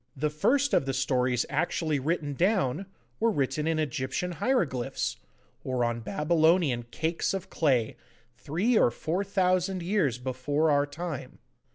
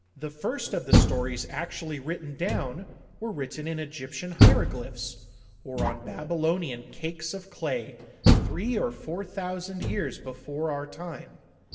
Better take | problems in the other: first | background sound (Door); 5 dB above the speech // room echo; dies away in 0.9 s

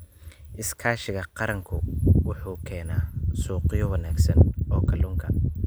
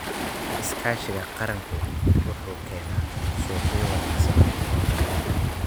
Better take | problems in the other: first | background sound (Waves, surf); 7 dB below the speech

